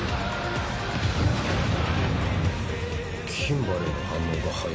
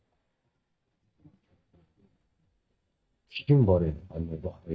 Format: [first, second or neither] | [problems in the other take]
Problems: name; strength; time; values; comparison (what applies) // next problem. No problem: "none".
first | noise reduction (neural mask model DeepFilterNet 3)